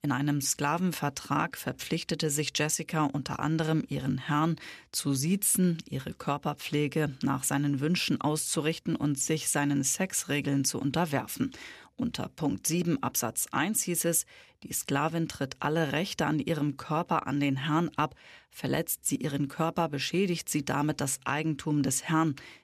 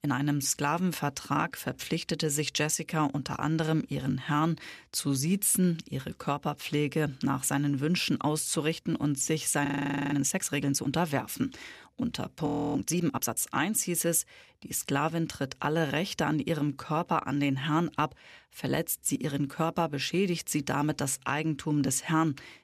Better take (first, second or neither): first